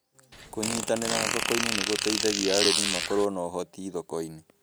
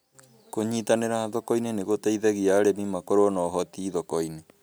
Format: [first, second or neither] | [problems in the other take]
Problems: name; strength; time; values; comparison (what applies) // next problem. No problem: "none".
second | background sound (Fart); 1 dB above the speech